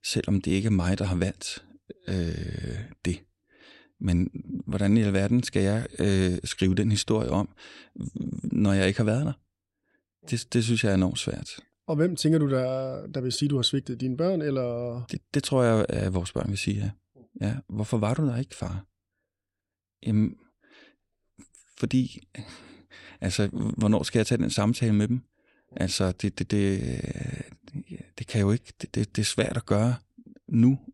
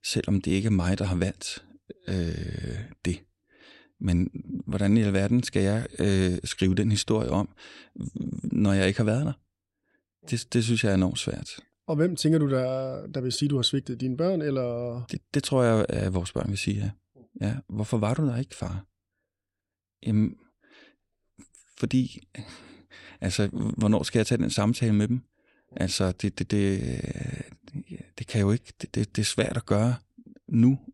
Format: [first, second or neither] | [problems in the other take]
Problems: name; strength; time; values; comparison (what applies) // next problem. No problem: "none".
neither | none